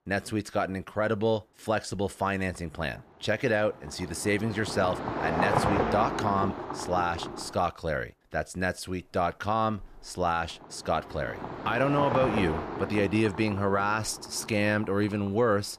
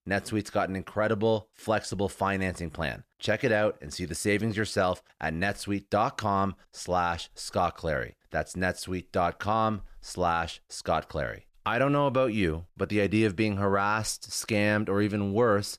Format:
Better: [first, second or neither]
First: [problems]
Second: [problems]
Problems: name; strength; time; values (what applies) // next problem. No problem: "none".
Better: second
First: traffic noise; loud; throughout; 4 dB below the speech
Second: none